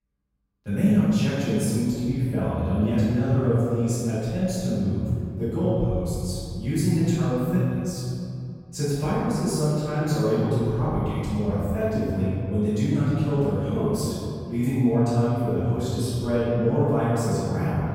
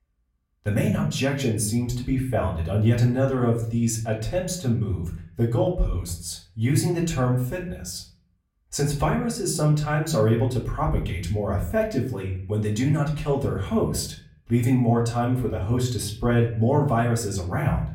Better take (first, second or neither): second